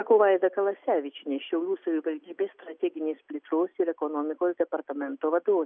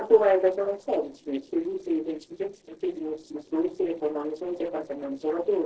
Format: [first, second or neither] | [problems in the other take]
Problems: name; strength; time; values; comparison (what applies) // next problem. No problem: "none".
first | noise reduction (neural separator model SepFormer DNS4)